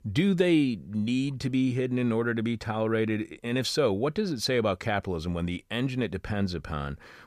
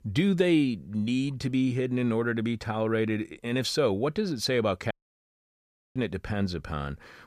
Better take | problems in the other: first | audio cutting out; at 5 s for 1 s

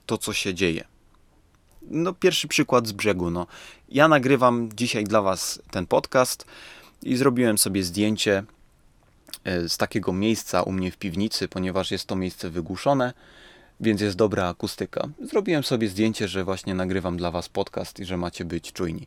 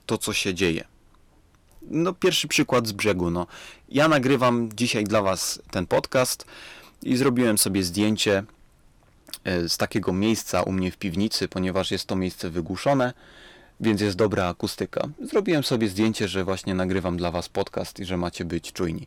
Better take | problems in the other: first | distortion; slight; 3% of the sound clipped

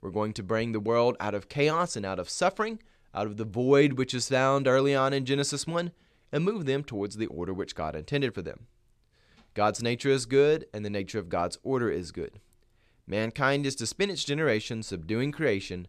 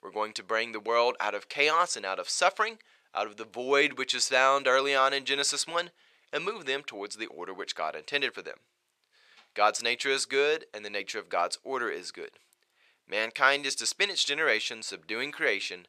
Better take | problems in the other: first | thin; very; fading below 650 Hz

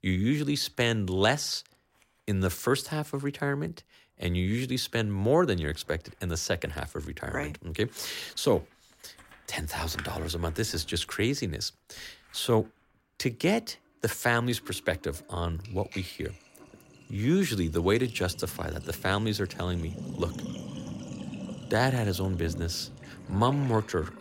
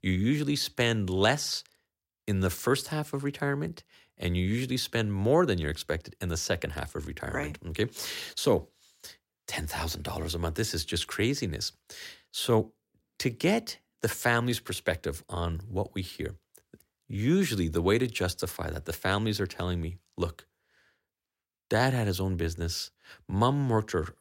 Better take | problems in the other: second | household noises; noticeable; throughout; 15 dB below the speech

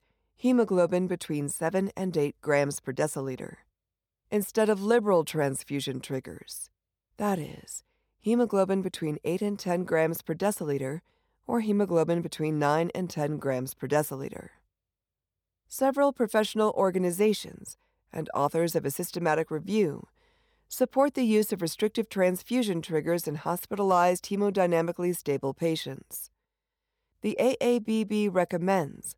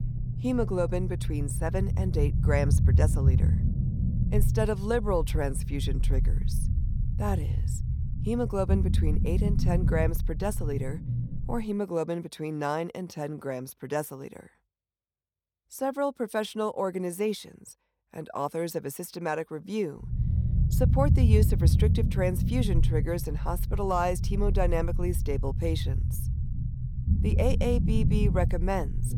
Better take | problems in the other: first | low rumble; loud; until 12 s and from 20 s on; 9 dB below the speech

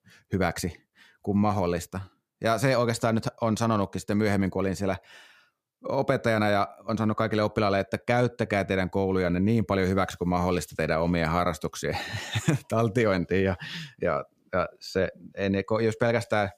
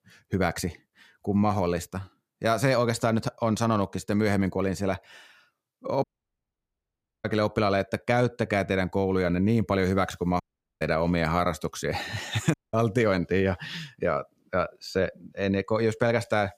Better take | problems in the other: first | audio cutting out; at 6 s for 1 s, at 10 s and at 13 s

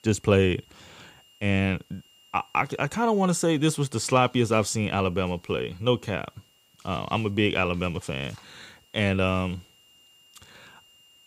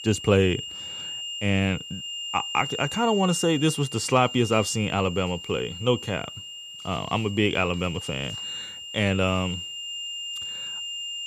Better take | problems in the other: first | high-pitched whine; loud; throughout; 3 kHz, 8 dB below the speech; faint in the first

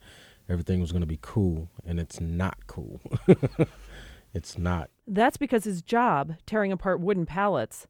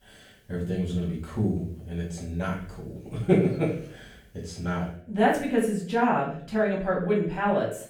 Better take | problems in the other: first | room echo; noticeable; dies away in 0.5 s // off-mic speech; far

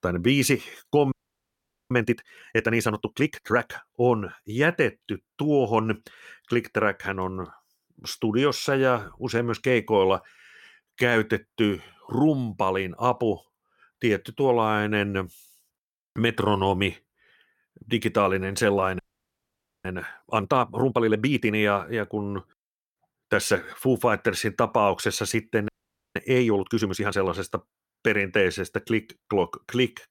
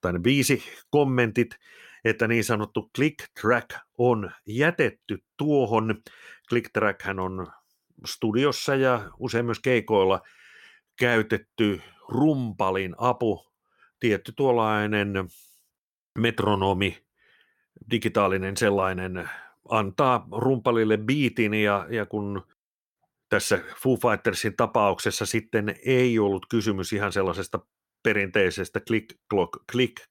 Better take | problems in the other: second | audio freezing; at 1 s for 1 s, at 19 s for 1 s and at 26 s

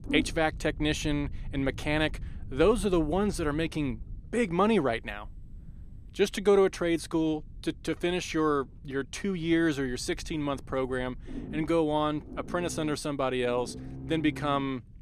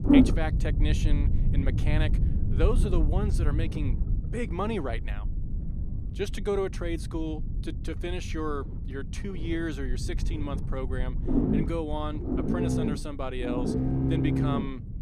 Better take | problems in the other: first | low rumble; loud; throughout; as loud as the speech; faint in the first

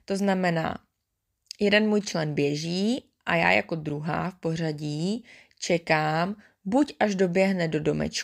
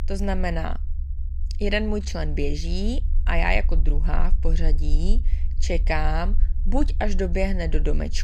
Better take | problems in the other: first | low rumble; faint; throughout; 20 dB below the speech

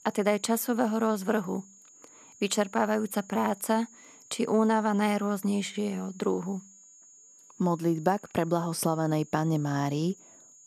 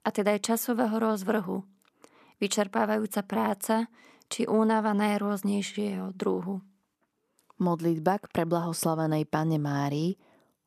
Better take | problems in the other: second | high-pitched whine; faint; throughout; 7 kHz, 25 dB below the speech

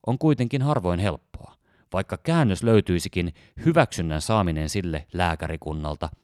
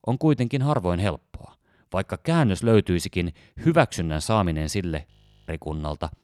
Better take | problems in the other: first | audio freezing; at 5 s

